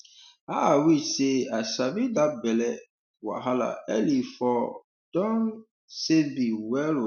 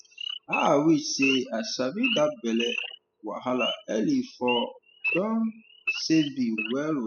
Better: first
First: none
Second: noise reduction (classical method spectral subtraction)

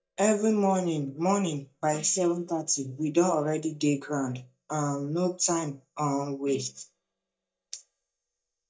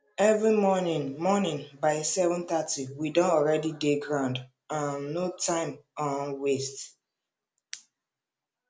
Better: second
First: noise reduction (neural mask model DeepFilterNet 3)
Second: none

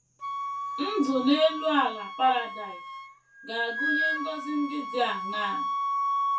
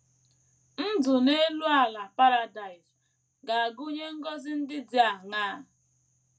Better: second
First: background sound (Wind instrument, woodwind instrument); 2 dB below the speech // room echo; dies away in 0.2 s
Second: none

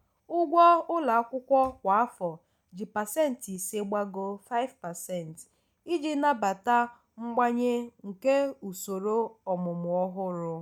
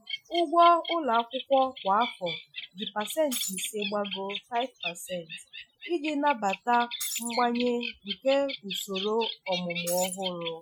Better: first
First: none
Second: noise reduction (classical method Wiener filter)

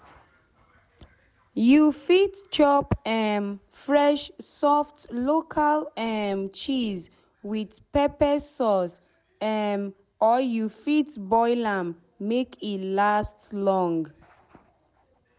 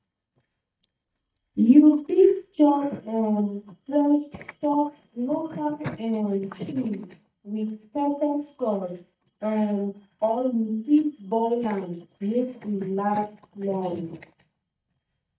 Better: first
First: none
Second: noise reduction (neural mask model DeepFilterNet 3)

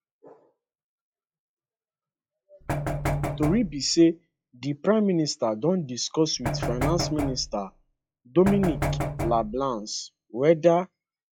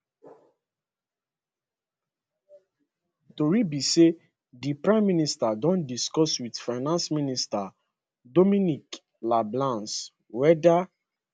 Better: second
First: noise reduction (classical method log-MMSE)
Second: none

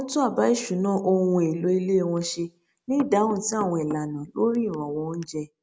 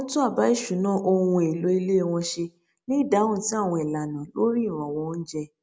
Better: second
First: background sound (Knock / Wood); 19 dB below the speech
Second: none

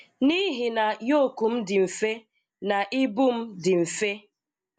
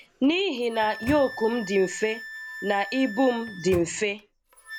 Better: first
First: none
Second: background sound (Microwave oven + Wind instrument, woodwind instrument); 13 dB below the speech

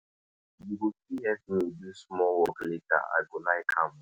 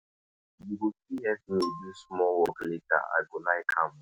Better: first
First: none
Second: background sound (Marimba, xylophone); 13 dB below the speech

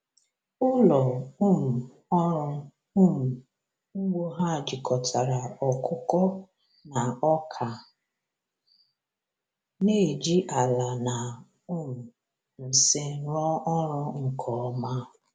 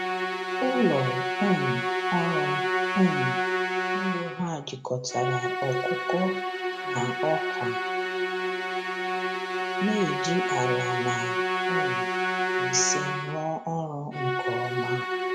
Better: first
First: none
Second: background sound (Musical instrument); 2 dB above the speech

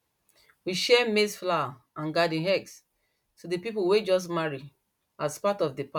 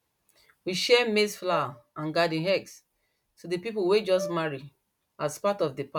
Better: first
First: none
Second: background sound (Brass instrument); 14 dB below the speech

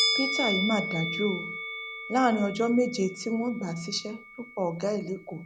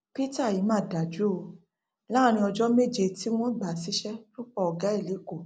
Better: second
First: background sound (Musical instrument); 5 dB below the speech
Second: none

